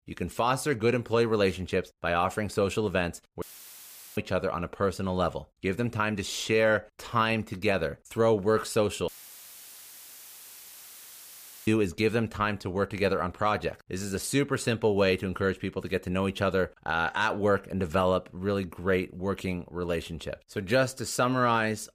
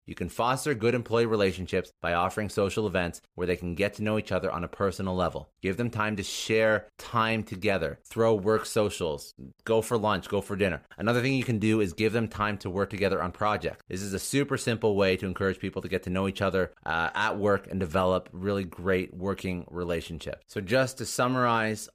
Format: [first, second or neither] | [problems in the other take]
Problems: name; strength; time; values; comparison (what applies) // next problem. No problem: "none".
second | audio cutting out; filled with static; at 3.5 s for 1 s and at 9 s for 2.5 s